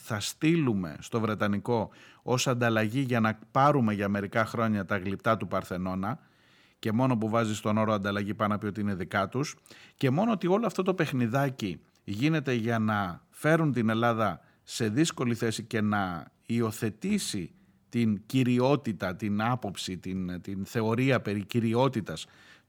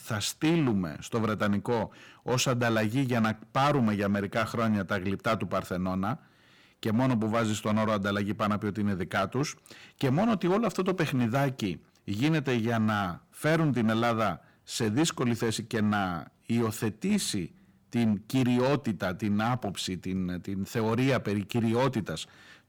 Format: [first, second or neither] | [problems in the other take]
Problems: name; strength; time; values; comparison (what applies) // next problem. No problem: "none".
first | distortion; slight; 7% of the sound clipped